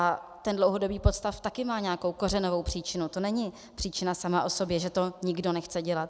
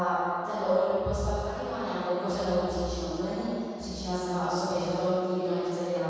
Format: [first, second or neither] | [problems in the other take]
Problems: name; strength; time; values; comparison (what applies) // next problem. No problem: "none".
first | room echo; dies away in 2.2 s